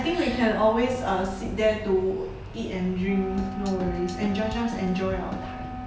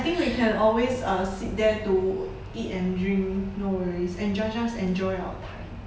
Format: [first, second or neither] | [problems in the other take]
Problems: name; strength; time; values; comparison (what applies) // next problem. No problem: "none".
second | background sound (Drum kit + Wind instrument, woodwind instrument); 11 dB below the speech